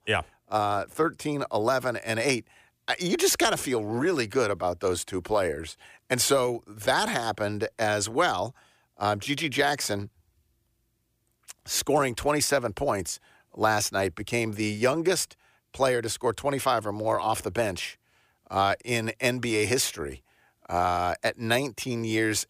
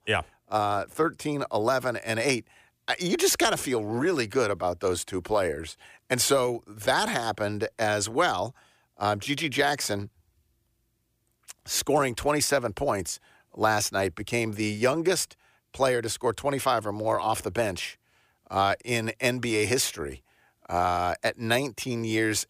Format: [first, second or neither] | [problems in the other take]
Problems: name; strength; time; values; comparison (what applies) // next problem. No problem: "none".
neither | none